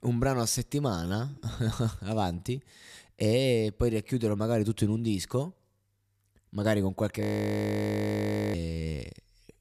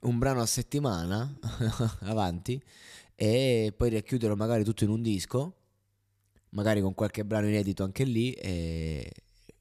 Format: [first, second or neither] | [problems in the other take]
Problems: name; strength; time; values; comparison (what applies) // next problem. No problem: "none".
second | audio freezing; at 7 s for 1.5 s